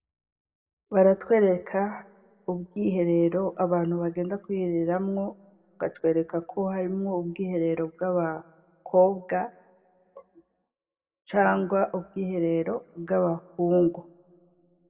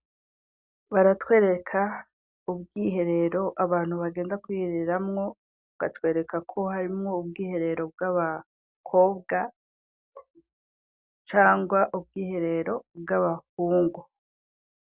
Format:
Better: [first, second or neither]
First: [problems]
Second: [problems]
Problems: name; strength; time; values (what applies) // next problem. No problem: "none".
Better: second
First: room echo; dies away in 0.9 s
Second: none